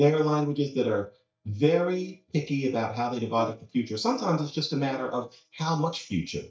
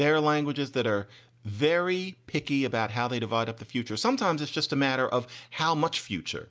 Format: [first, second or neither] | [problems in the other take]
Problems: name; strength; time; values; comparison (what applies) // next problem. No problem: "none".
second | noise reduction (neural mask model DeepFilterNet 3)